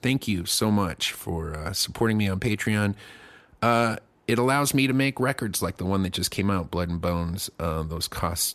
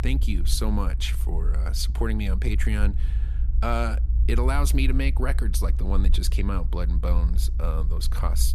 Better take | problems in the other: first | low rumble; noticeable; throughout; 15 dB below the speech

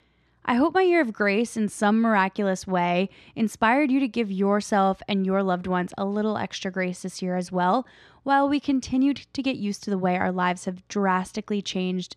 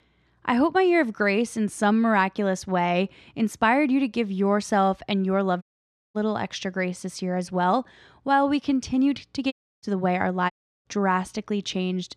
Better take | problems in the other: first | audio cutting out; at 5.5 s for 0.5 s, at 9.5 s and at 11 s

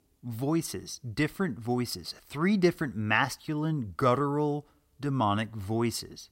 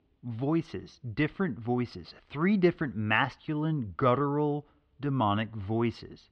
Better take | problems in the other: first | muffled; slightly; fading above 3 kHz

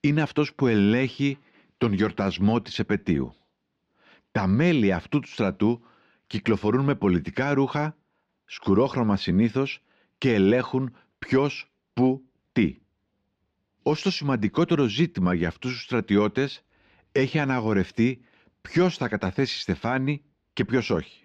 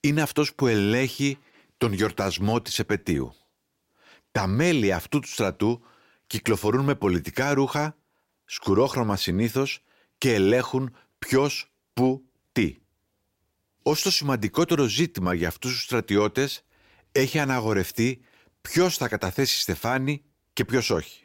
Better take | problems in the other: second | muffled; slightly; fading above 4 kHz

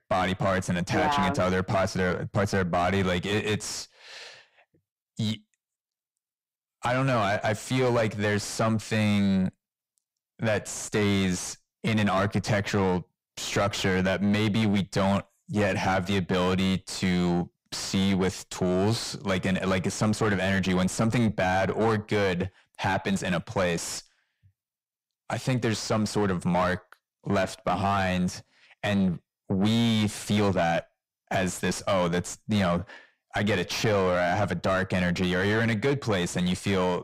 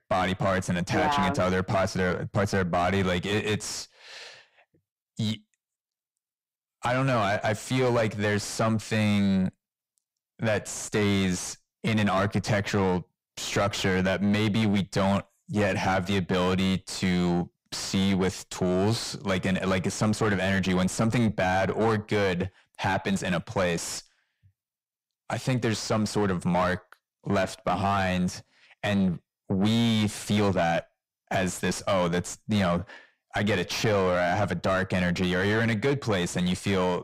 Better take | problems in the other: neither | distortion; heavy; 6 dB below the speech; the same in both

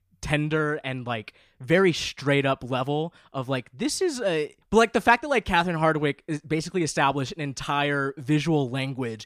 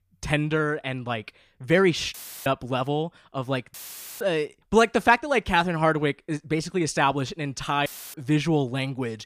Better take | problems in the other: first | audio cutting out; filled with static; at 2 s, at 3.5 s and at 8 s

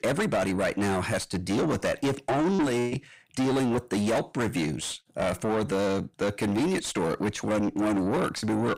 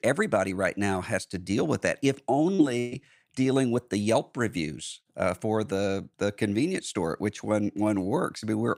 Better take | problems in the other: second | distortion; heavy; 6 dB below the speech

